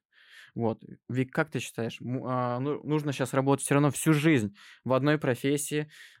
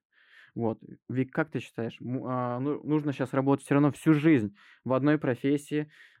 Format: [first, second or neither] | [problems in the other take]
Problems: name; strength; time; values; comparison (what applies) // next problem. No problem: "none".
first | muffled; slightly; fading above 3.5 kHz